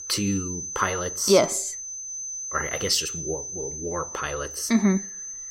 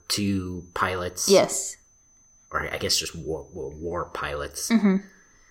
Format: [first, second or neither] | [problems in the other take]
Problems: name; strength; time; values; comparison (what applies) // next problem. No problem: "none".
second | high-pitched whine; loud; throughout; 6 kHz, 6 dB below the speech; faint in the second